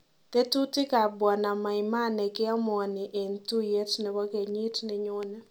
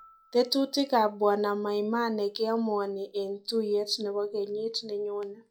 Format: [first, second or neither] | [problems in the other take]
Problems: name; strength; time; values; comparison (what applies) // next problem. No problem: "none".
first | noise reduction (classical method log-MMSE)